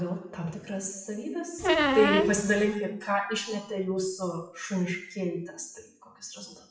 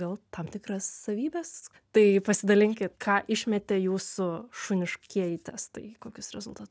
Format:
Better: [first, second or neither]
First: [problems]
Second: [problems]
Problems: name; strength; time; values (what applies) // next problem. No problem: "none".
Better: second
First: noise reduction (classical method WPE with log-MMSE)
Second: none